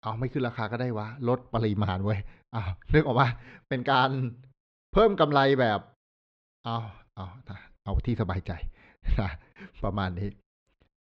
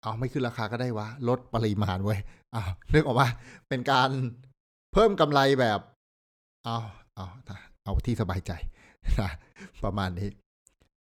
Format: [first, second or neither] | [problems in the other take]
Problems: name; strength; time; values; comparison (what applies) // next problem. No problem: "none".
second | muffled; very slightly; fading above 4 kHz